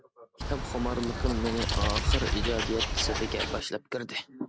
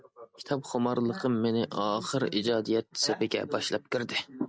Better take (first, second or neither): second